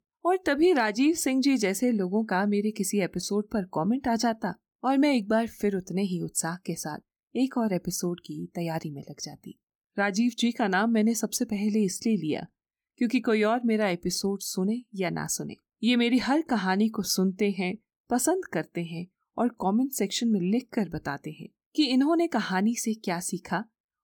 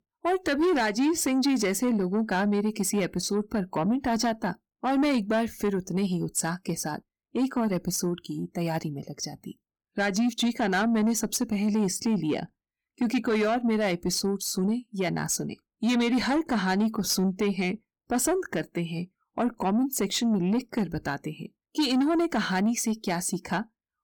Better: first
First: none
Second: distortion; slight; 10 dB below the speech

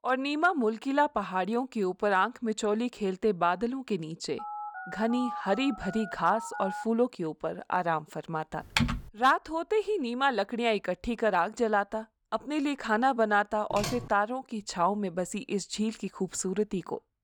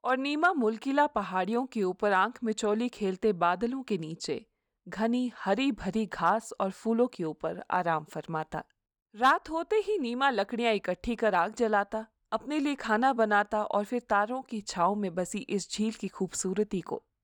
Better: second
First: phone ringing; noticeable; from 4.5 to 7 s; peak 7 dB below the speech // keyboard typing; loud; at 9 s; peak 1 dB above the speech // keyboard typing; noticeable; at 14 s; peak 6 dB below the speech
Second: none

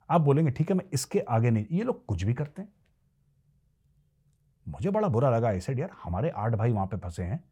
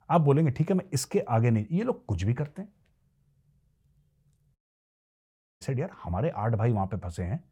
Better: first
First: none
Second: audio cutting out; at 4.5 s for 1 s

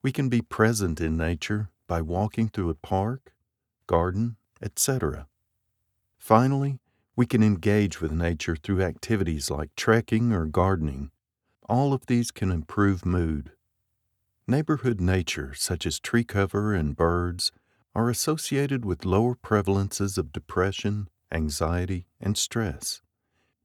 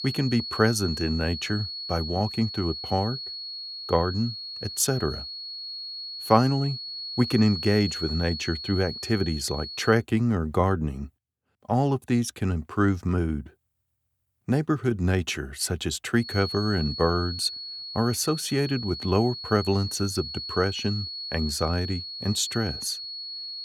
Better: first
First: none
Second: high-pitched whine; loud; until 10 s and from 16 s on; 4.5 kHz, 7 dB below the speech

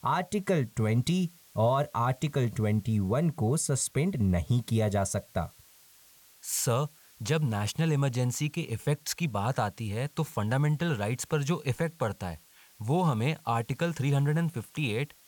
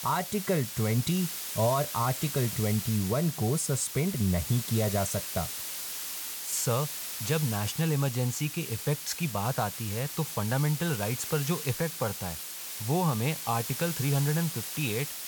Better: first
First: hiss; faint; throughout; 25 dB below the speech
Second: hiss; loud; throughout; 5 dB below the speech

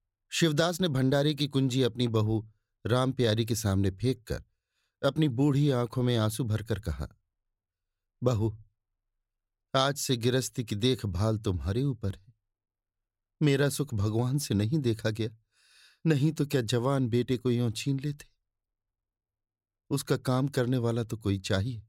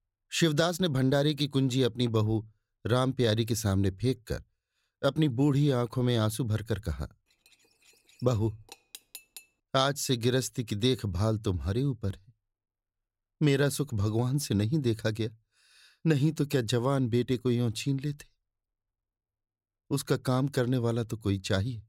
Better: first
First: none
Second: clattering dishes; faint; from 7.5 to 9.5 s; peak 15 dB below the speech

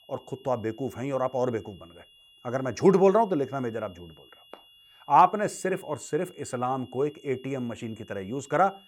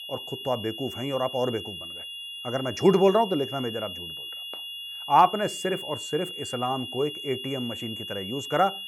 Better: first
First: high-pitched whine; faint; throughout; 3 kHz, 25 dB below the speech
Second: high-pitched whine; loud; throughout; 3 kHz, 8 dB below the speech

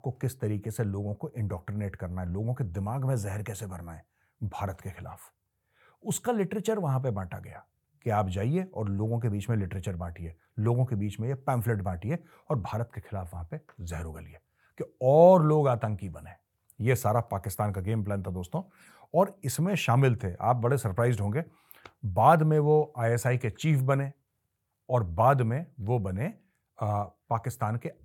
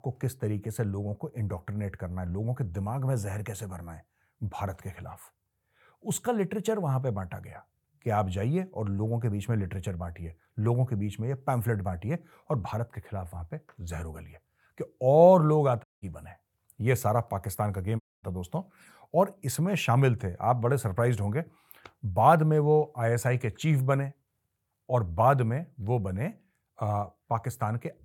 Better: first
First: none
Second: audio cutting out; at 16 s and at 18 s

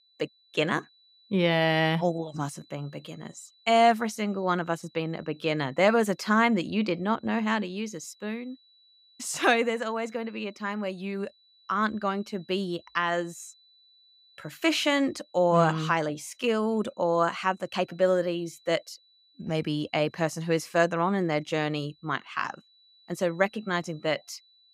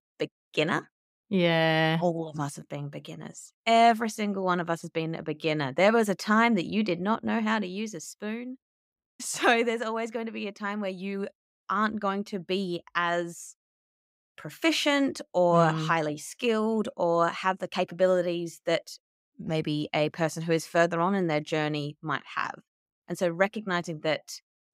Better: second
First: high-pitched whine; faint; throughout; 4 kHz, 30 dB below the speech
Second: none

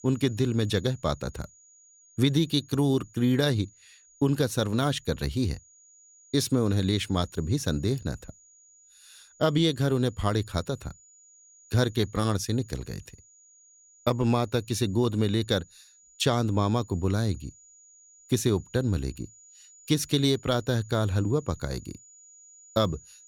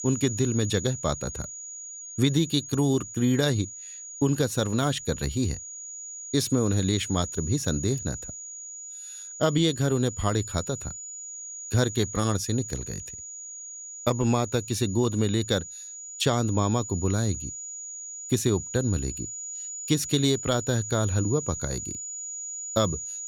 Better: first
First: high-pitched whine; faint; throughout; 7 kHz, 25 dB below the speech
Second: high-pitched whine; loud; throughout; 7 kHz, 9 dB below the speech

